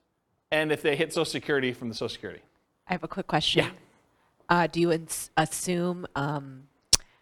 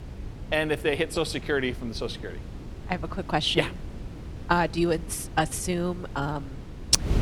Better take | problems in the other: first | wind noise on the microphone; occasional gusts; 20 dB below the speech

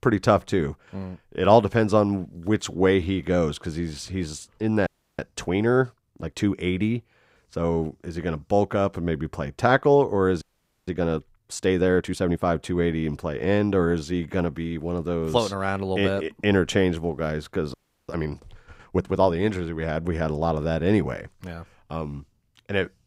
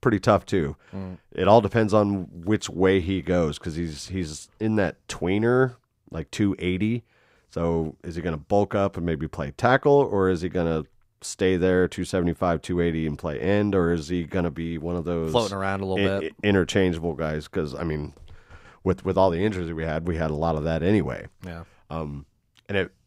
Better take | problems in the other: second | audio freezing; at 5 s, at 10 s and at 18 s

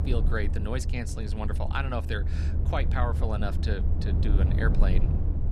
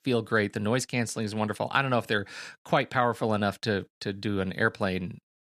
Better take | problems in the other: second | low rumble; loud; throughout; 8 dB below the speech

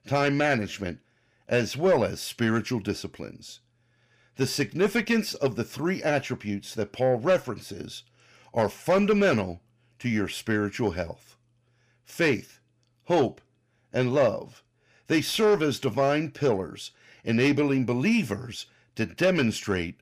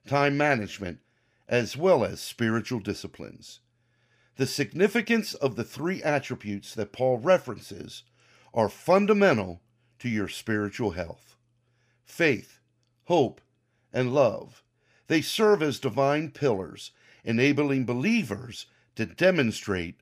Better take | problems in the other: second | distortion; slight; 10 dB below the speech

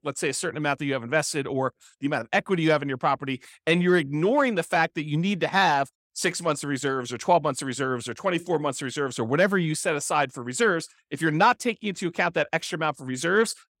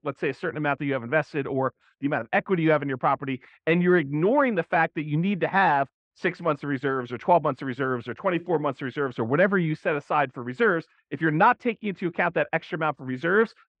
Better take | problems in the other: first | muffled; very; fading above 2.5 kHz

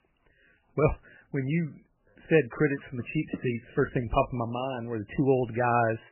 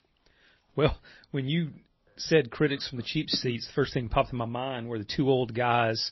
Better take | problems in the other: second | garbled, watery; badly; nothing above 3 kHz; slightly in the second

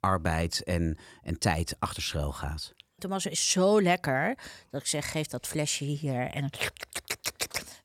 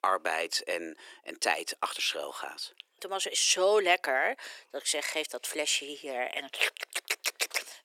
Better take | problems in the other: first | thin; very; fading below 350 Hz

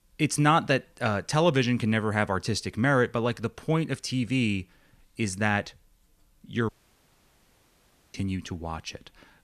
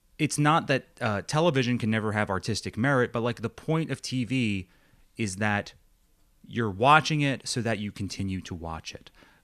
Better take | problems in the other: second | audio cutting out; at 6.5 s for 1.5 s

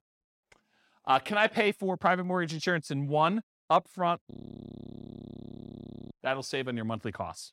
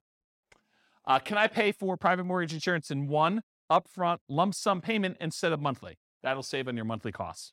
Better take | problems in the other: second | audio freezing; at 4.5 s for 2 s

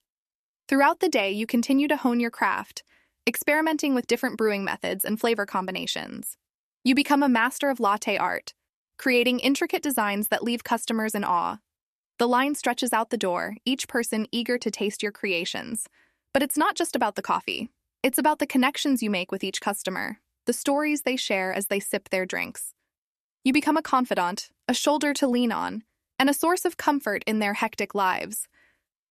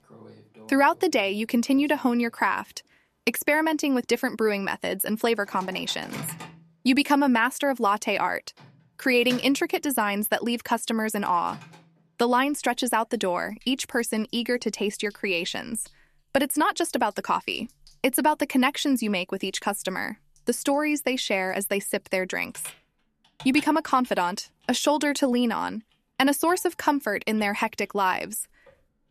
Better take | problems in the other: first | household noises; faint; throughout; 20 dB below the speech

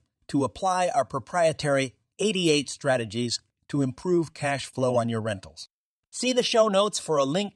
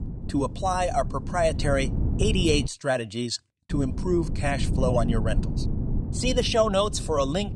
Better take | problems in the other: first | wind noise on the microphone; occasional gusts; until 2.5 s and from 3.5 s on; 15 dB below the speech

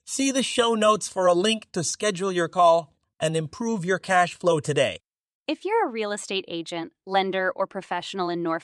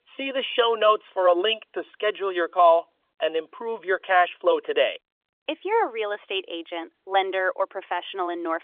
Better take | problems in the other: first | phone-call audio; nothing above 3.5 kHz

